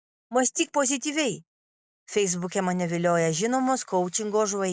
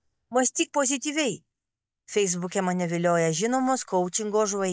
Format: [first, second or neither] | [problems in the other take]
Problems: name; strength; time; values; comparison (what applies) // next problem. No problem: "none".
first | noise reduction (neural mask model DeepFilterNet 3)